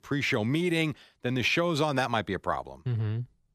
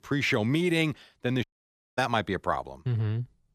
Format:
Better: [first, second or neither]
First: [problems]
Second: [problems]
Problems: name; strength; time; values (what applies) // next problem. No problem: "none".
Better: first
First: none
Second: audio cutting out; at 1.5 s for 0.5 s